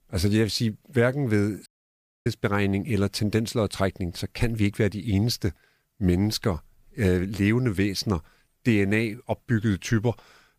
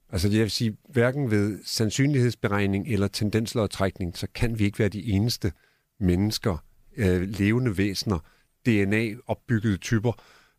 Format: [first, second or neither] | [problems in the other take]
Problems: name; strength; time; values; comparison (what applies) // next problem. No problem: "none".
second | audio cutting out; at 1.5 s for 0.5 s